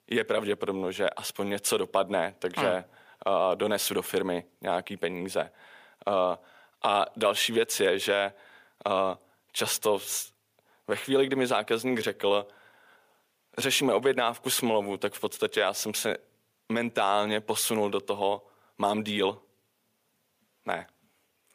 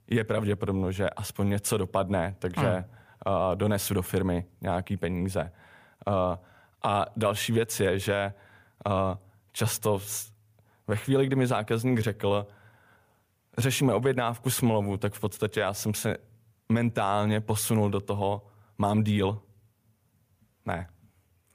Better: second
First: thin; somewhat; fading below 350 Hz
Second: none

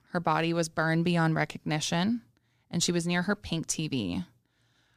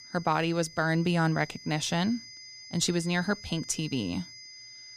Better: first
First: none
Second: high-pitched whine; noticeable; throughout; 5 kHz, 15 dB below the speech

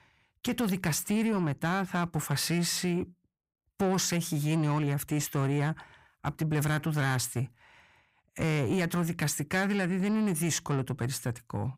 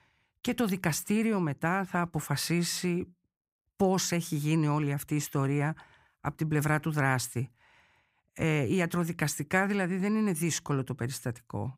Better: second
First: distortion; slight; 10 dB below the speech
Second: none

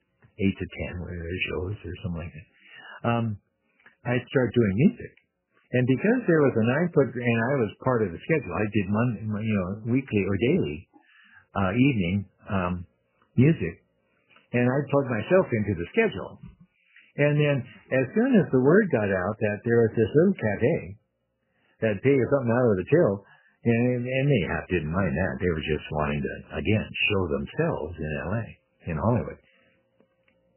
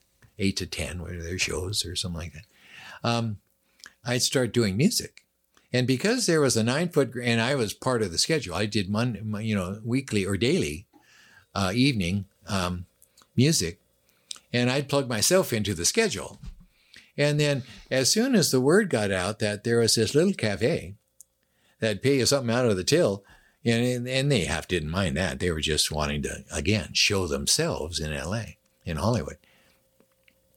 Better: second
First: garbled, watery; badly; nothing above 3 kHz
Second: none

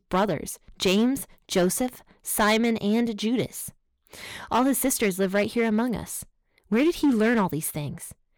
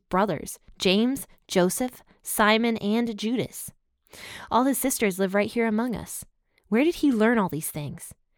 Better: second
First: distortion; slight; 4% of the sound clipped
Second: none

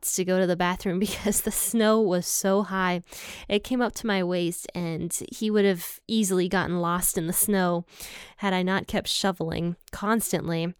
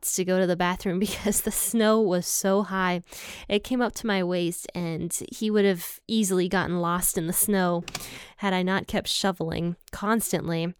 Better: first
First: none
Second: keyboard typing; faint; at 8 s; peak 10 dB below the speech

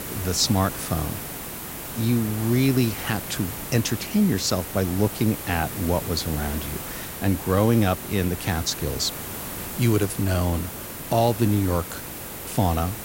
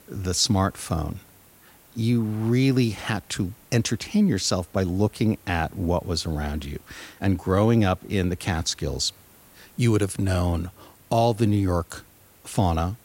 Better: second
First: hiss; loud; throughout; 8 dB below the speech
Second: hiss; faint; throughout; 25 dB below the speech

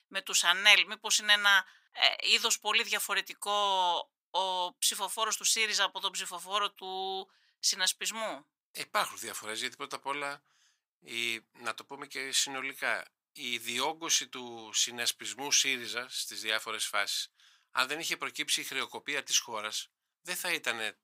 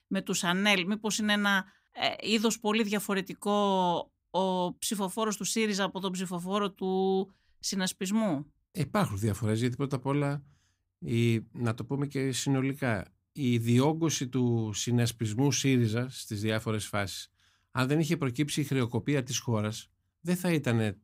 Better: second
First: thin; very; fading below 950 Hz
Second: none

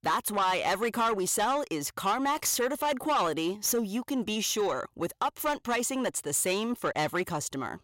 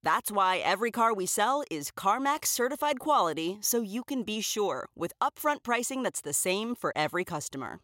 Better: second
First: distortion; slight; 10 dB below the speech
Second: none

